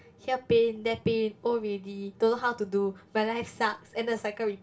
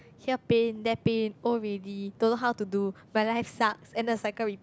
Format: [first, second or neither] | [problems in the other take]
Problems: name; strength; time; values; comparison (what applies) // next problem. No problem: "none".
second | room echo; dies away in 0.2 s